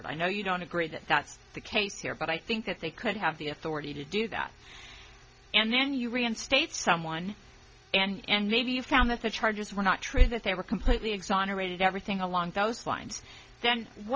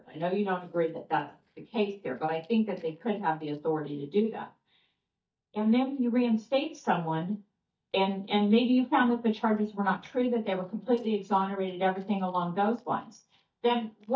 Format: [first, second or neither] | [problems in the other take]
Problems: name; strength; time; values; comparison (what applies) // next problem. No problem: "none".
first | noise reduction (neural mask model DeepFilterNet 3)